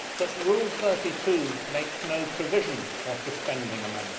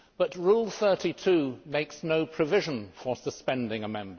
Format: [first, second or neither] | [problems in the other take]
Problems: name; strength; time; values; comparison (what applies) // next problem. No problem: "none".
second | background sound (Rain); 5 dB below the speech // room echo; dies away in 0.5 s